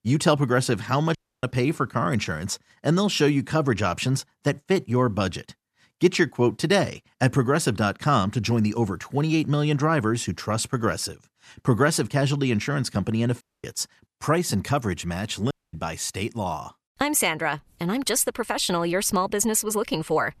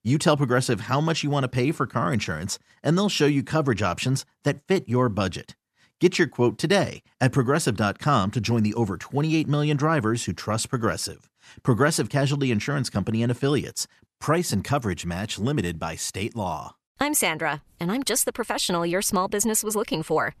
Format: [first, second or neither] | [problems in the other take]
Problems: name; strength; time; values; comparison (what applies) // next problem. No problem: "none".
second | audio cutting out; at 1 s, at 13 s and at 16 s